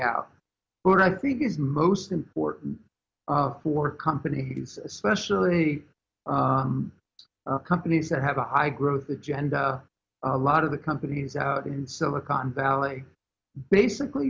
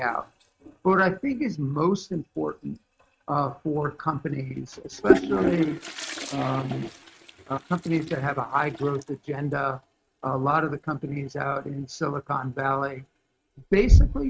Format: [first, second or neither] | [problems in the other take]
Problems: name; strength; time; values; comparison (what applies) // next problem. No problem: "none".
first | noise reduction (neural mask model RNNoise)